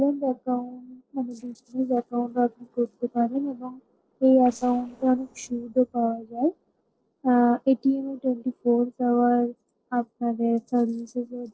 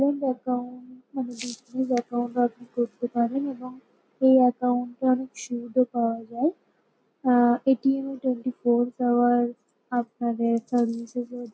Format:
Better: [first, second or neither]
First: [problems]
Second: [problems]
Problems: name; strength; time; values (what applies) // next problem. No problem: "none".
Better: second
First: noise reduction (neural separator model SepFormer DNS4)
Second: none